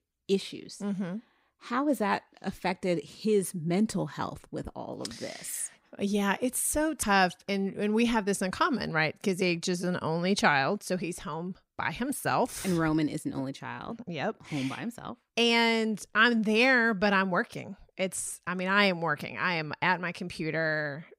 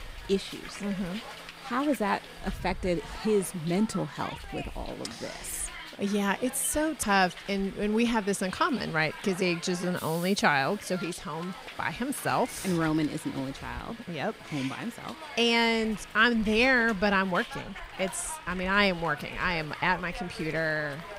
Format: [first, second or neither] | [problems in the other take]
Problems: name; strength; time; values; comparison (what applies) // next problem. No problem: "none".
first | hiss; noticeable; throughout; 15 dB below the speech